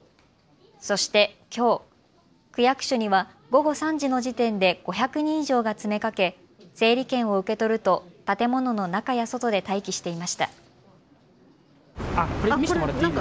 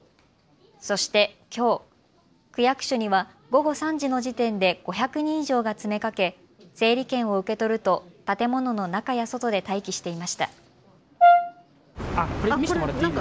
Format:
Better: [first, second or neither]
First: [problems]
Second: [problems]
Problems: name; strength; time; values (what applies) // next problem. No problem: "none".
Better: first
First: none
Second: background sound (Brass instrument); 4 dB above the speech